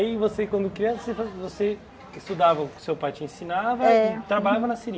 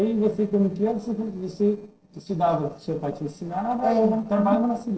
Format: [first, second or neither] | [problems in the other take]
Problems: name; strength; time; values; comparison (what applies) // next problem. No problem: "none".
first | noise reduction (neural separator model SepFormer DNS4)